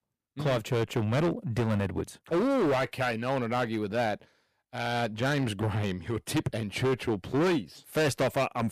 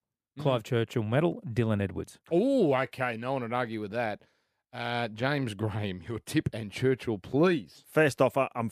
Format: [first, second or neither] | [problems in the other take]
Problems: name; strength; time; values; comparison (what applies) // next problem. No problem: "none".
second | distortion; heavy; 14% of the sound clipped